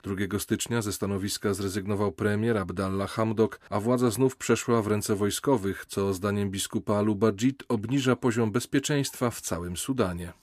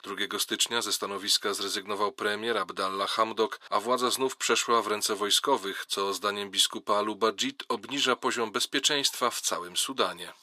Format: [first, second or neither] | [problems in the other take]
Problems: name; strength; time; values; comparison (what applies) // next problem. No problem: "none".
first | thin; very; fading below 450 Hz